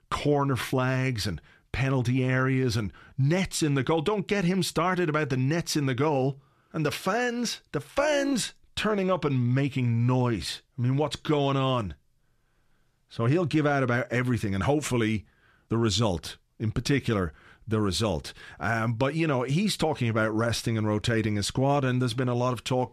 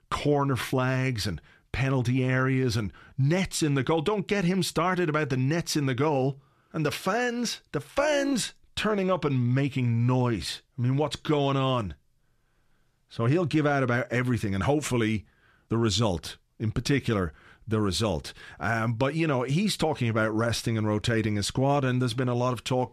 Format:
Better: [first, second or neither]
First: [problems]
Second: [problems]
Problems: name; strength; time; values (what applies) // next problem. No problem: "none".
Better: neither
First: none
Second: none